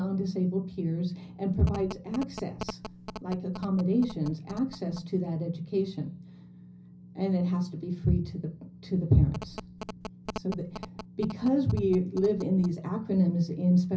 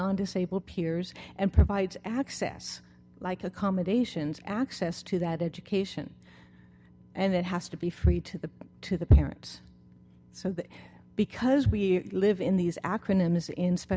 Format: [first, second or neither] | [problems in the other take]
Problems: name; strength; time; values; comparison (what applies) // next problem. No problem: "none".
second | background sound (Telephone); 15 dB below the speech // room echo; dies away in 0.5 s